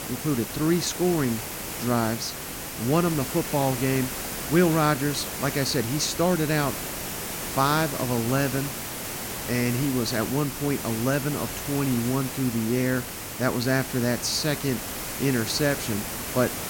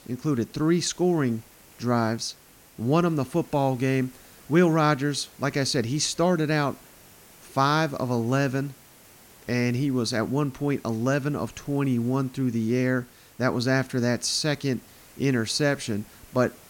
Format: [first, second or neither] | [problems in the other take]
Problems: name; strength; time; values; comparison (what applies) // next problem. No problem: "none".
second | hiss; loud; throughout; 5 dB below the speech; faint in the second